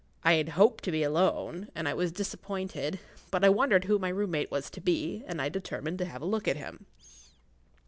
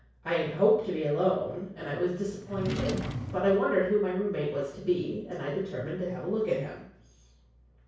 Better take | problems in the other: first | background sound (Drawer open or close); 6 dB below the speech // room echo; dies away in 0.6 s

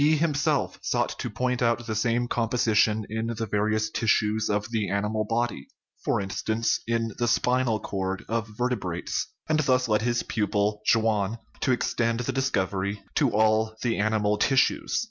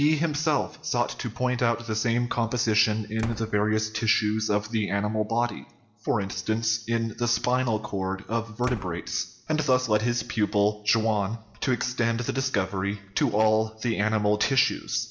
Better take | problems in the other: first | background sound (Slam); 19 dB below the speech // room echo; dies away in 0.7 s

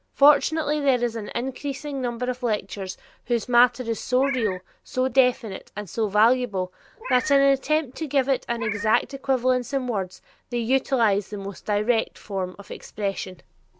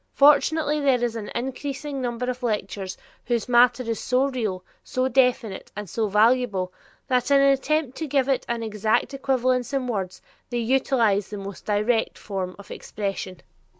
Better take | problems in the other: second | background sound (Meow); 12 dB below the speech

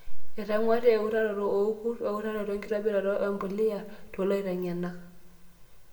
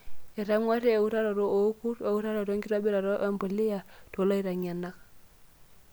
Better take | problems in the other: second | room echo; dies away in 0.7 s

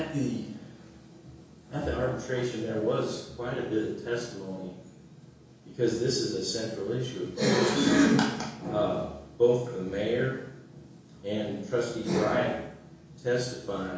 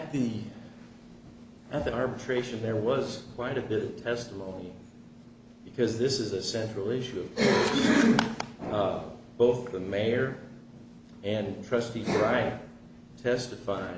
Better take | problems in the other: second | room echo; dies away in 0.6 s

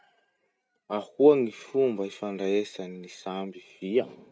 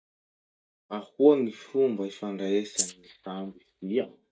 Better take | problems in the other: first | noise reduction (neural mask model DeepFilterNet 3)

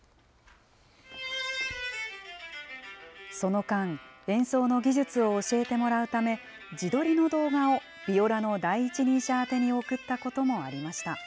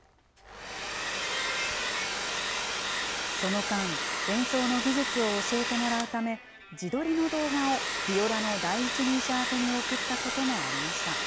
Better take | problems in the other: first | background sound (Domestic sounds, home sounds); 1 dB below the speech

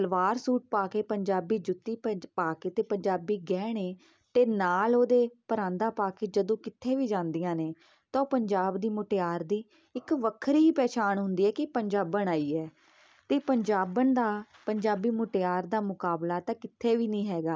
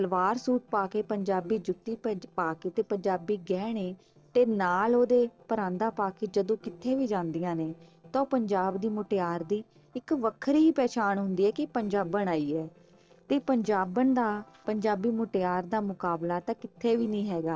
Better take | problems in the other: first | noise reduction (neural separator model SepFormer DNS4)

